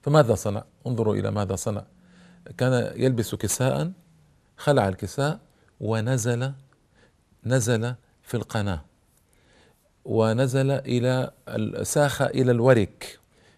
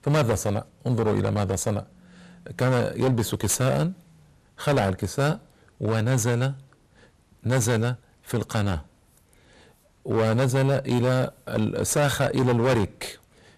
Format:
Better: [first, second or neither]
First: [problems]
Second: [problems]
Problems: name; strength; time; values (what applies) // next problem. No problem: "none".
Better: first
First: none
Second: distortion; heavy; 14% of the sound clipped